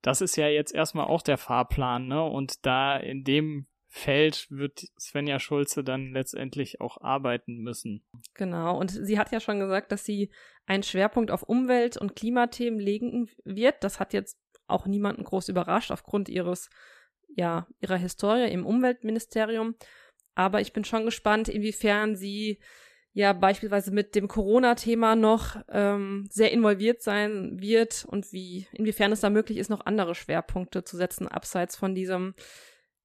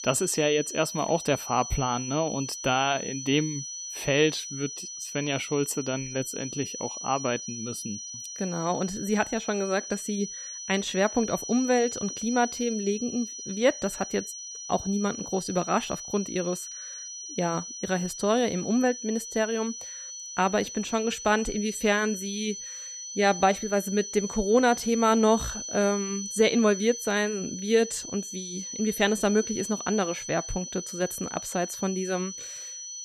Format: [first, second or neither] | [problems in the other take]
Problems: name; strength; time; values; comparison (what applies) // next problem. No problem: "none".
first | high-pitched whine; loud; throughout; 6 kHz, 8 dB below the speech